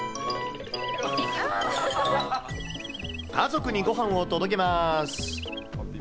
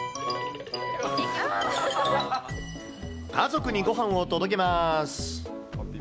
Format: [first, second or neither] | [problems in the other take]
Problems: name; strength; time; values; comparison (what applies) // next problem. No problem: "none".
second | background sound (Keyboard (musical) + Chirp, tweet); 14 dB below the speech